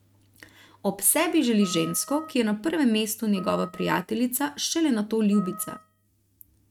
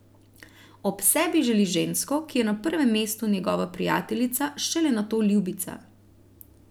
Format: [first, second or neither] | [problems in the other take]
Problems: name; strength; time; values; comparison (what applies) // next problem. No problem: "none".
second | noise reduction (neural mask model RNNoise)